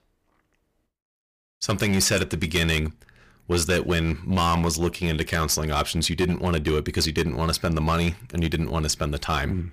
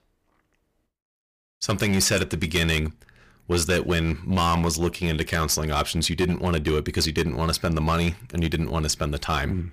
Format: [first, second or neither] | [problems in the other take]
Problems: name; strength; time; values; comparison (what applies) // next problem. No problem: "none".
neither | distortion; slight; 7% of the sound clipped; the same in both